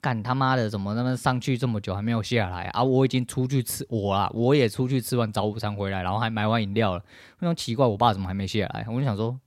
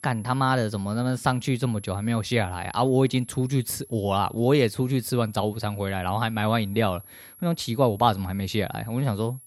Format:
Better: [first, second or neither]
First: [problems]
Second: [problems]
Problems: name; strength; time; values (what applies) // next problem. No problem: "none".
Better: first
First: none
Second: high-pitched whine; faint; throughout; 11.5 kHz, 20 dB below the speech